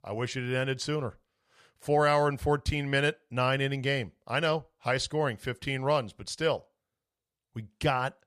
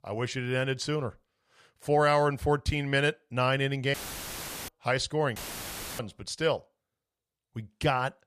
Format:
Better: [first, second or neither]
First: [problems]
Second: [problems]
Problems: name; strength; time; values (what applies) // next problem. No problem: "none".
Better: first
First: none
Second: audio cutting out; filled with static; at 4 s for 0.5 s and at 5.5 s for 0.5 s